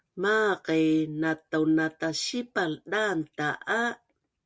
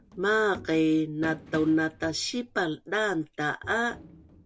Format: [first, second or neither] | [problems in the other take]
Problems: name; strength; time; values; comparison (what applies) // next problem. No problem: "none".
first | background sound (Run + Bowed string instrument); 19 dB below the speech